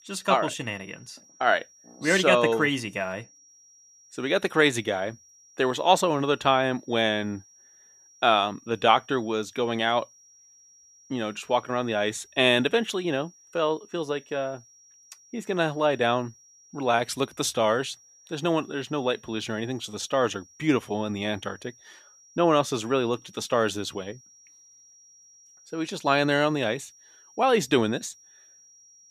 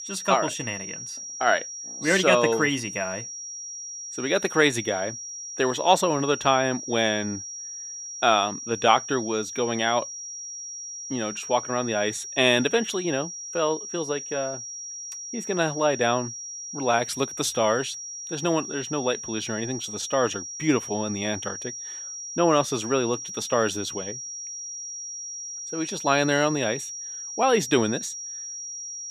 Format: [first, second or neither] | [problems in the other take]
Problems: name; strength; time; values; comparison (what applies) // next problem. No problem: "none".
first | high-pitched whine; loud; throughout; 5.5 kHz, 9 dB below the speech; faint in the first